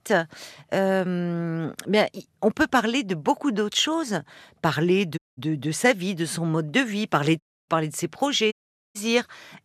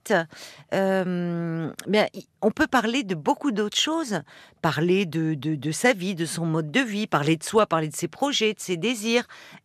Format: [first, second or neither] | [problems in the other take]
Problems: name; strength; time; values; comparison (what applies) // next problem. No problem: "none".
second | audio cutting out; at 5 s, at 7.5 s and at 8.5 s